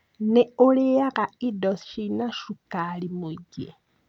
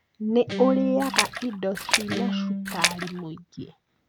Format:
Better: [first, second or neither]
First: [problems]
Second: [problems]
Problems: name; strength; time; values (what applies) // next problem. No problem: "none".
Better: first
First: none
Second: background sound (Guitar + Splash, splatter); as loud as the speech